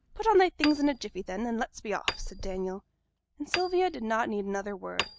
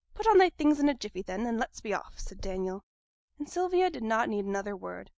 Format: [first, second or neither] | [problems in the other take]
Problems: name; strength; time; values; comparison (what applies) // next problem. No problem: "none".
second | background sound (Hammer); 10 dB below the speech